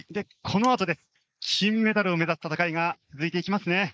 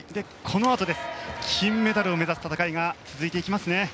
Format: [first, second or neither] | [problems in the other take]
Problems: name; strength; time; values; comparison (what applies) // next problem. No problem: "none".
second | noise reduction (neural mask model Resemble Enhance denoiser)